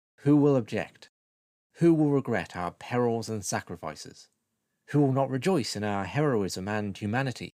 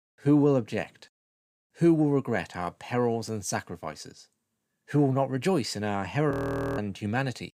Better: first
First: none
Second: audio freezing; at 6.5 s

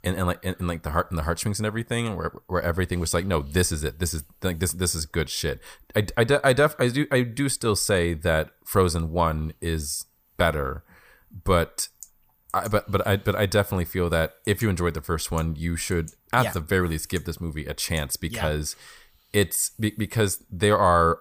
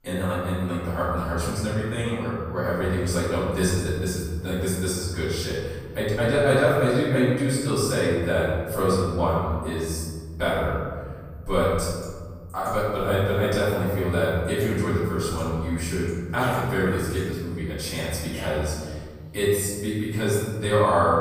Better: first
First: none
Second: off-mic speech; far // room echo; strong; dies away in 1.8 s

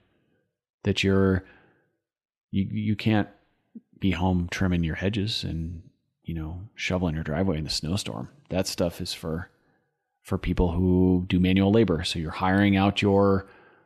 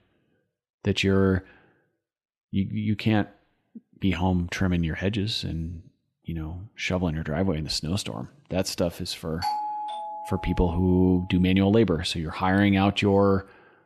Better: first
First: none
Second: doorbell; noticeable; from 9.5 to 11 s; peak 4 dB below the speech

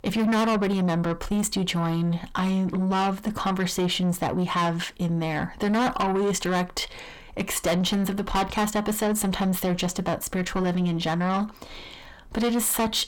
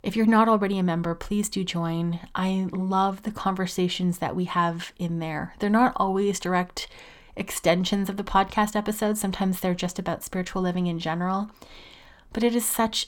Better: second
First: distortion; heavy; 8 dB below the speech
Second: none

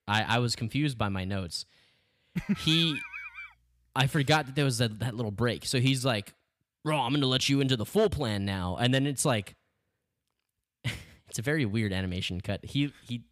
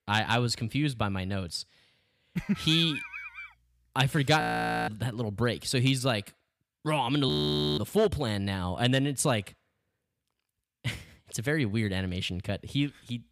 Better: first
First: none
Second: audio freezing; at 4.5 s and at 7.5 s

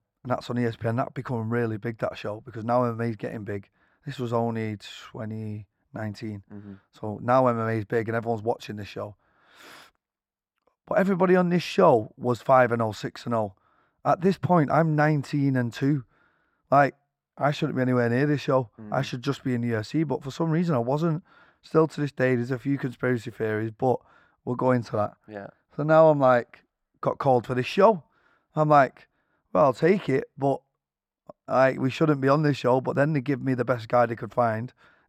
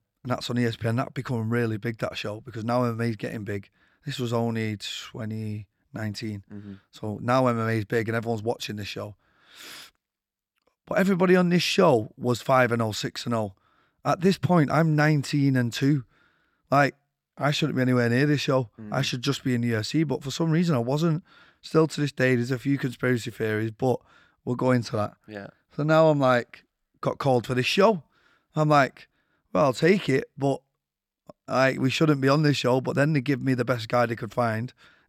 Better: second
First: muffled; slightly; fading above 2 kHz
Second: none

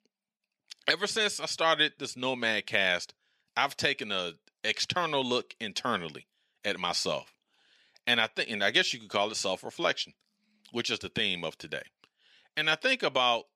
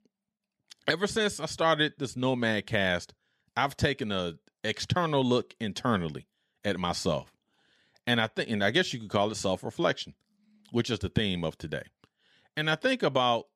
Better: second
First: thin; somewhat; fading below 550 Hz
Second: none

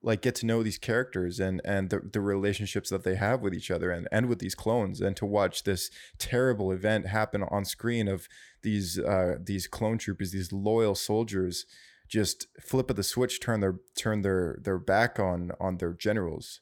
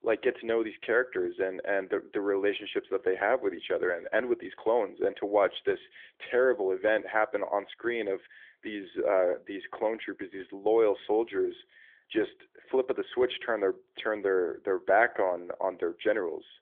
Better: first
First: none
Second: phone-call audio; nothing above 3.5 kHz

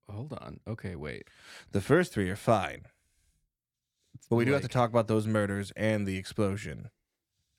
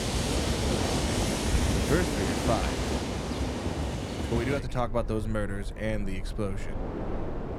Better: first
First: none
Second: train or aircraft noise; very loud; throughout; 2 dB above the speech

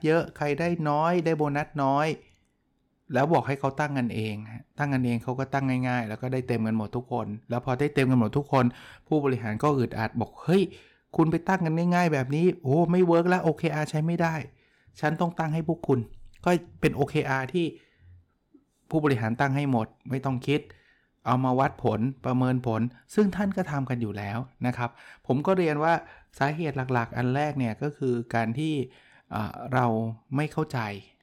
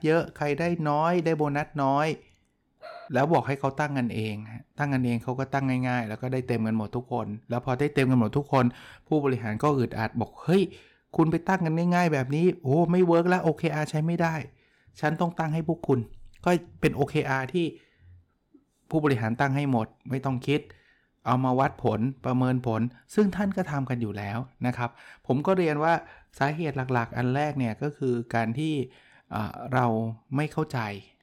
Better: first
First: none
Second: dog barking; faint; at 3 s; peak 20 dB below the speech

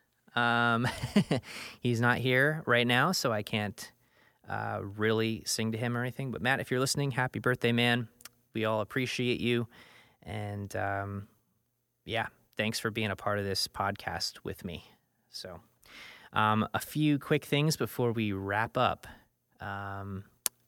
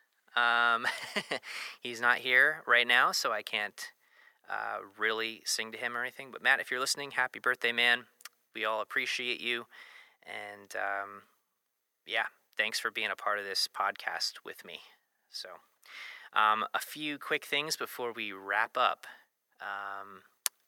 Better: first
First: none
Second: thin; very; fading below 550 Hz

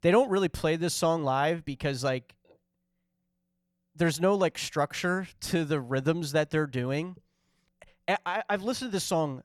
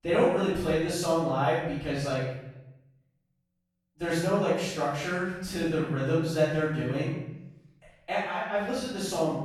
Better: first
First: none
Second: off-mic speech; far // room echo; strong; dies away in 0.8 s

